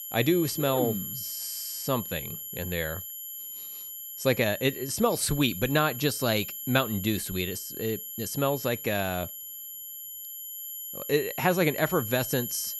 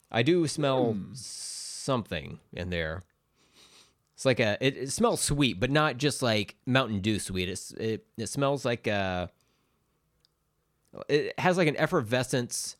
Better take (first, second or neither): second